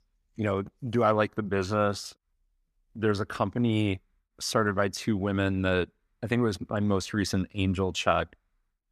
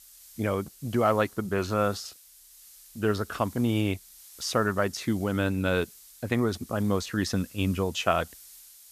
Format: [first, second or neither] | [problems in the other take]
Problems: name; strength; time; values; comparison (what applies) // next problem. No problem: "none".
first | hiss; faint; throughout; 20 dB below the speech